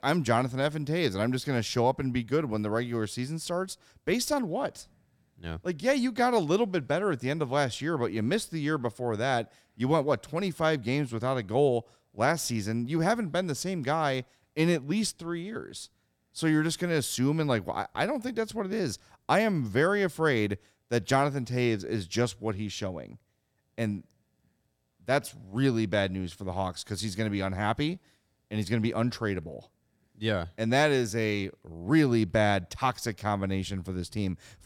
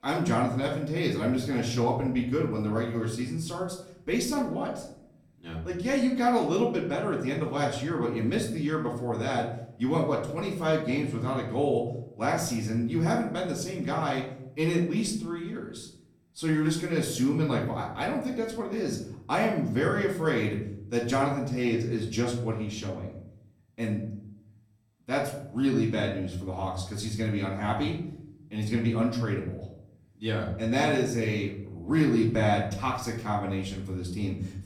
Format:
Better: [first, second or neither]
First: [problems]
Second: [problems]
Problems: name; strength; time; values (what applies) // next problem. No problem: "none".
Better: first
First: none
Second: off-mic speech; far // room echo; slight; dies away in 0.7 s